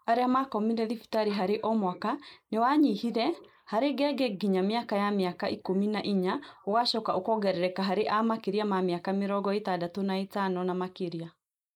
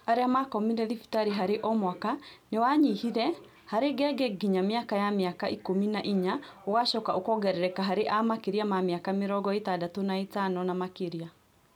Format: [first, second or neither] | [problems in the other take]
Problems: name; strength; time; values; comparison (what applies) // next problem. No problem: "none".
second | noise reduction (neural mask model Resemble Enhance denoiser)